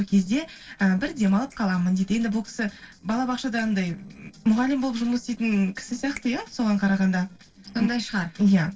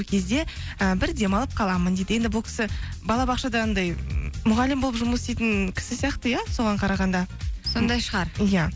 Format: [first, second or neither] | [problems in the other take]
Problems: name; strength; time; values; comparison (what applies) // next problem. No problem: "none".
second | noise reduction (neural separator model SepFormer DNS4)